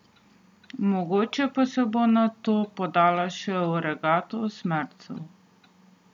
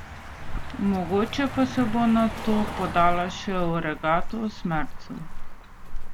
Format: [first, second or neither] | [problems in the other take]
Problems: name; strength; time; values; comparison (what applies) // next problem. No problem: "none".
first | background sound (Car passing by); 4 dB below the speech